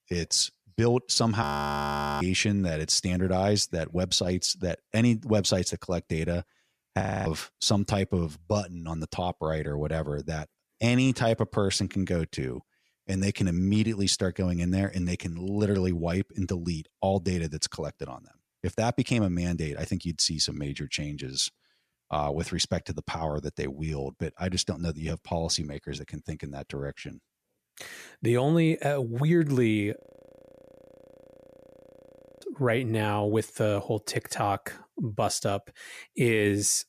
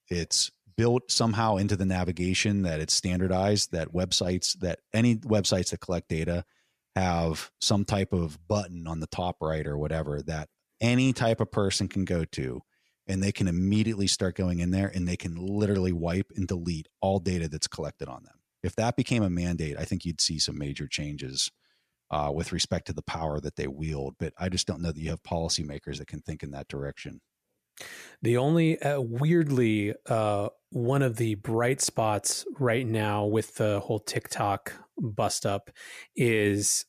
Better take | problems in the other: second | audio freezing; at 1.5 s for 1 s, at 7 s and at 30 s for 2.5 s

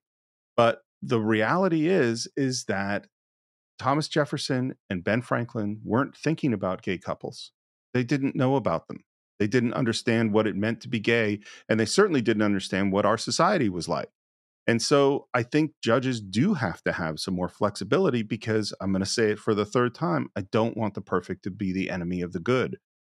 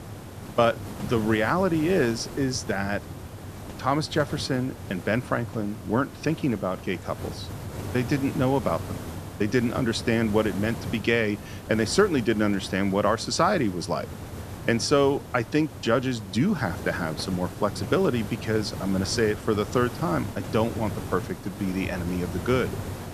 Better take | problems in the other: first | hiss; noticeable; throughout; 10 dB below the speech

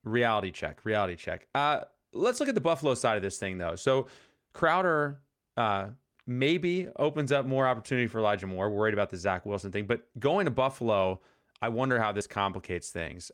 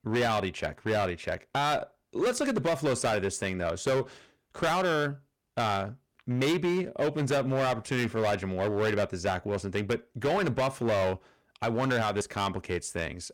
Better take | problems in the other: first | distortion; heavy; 13% of the sound clipped

